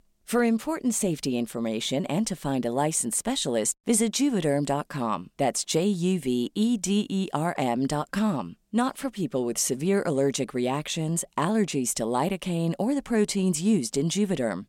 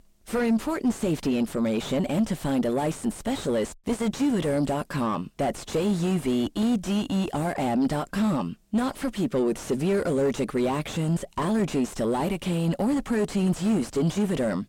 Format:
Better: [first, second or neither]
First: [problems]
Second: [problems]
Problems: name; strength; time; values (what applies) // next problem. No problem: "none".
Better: first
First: none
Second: distortion; heavy; 4 dB below the speech